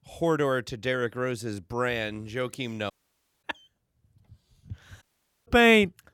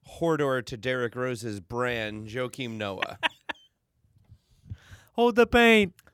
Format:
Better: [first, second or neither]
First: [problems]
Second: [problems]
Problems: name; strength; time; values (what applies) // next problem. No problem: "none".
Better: second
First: audio cutting out; at 3 s for 0.5 s and at 5 s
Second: none